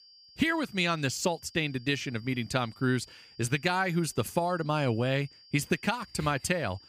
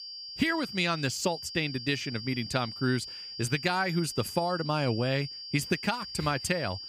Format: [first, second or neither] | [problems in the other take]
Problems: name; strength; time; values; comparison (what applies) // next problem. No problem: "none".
first | high-pitched whine; loud; throughout; 4.5 kHz, 9 dB below the speech; faint in the first